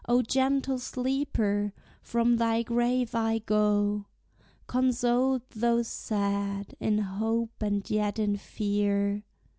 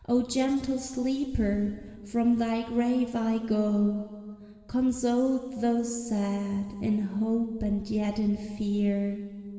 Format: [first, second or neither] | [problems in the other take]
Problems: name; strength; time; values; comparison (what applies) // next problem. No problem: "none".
first | room echo; dies away in 2.1 s